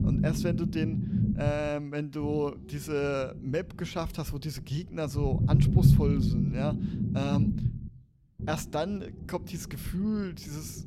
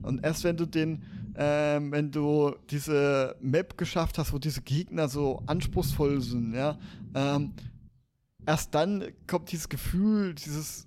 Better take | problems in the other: second | low rumble; loud; throughout; 2 dB below the speech; faint in the second

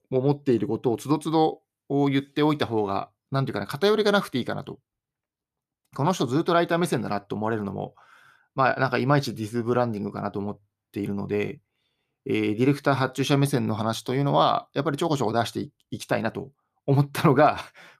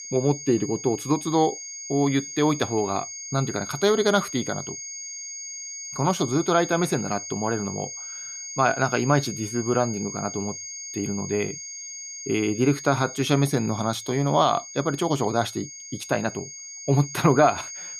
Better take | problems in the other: first | high-pitched whine; loud; throughout; 6.5 kHz, 10 dB below the speech

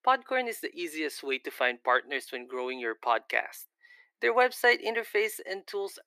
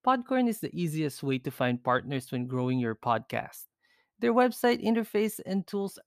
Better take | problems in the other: second | thin; very; fading below 350 Hz

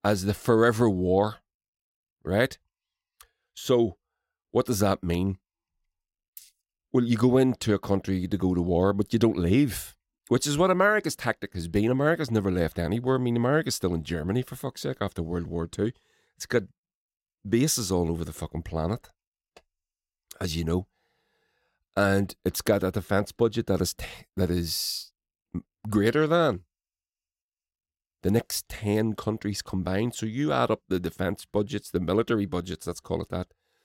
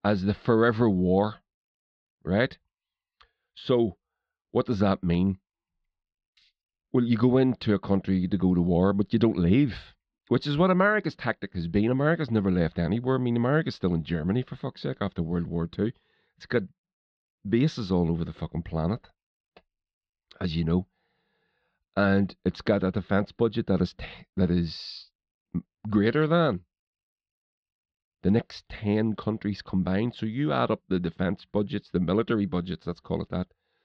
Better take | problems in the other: first | muffled; slightly; fading above 4 kHz

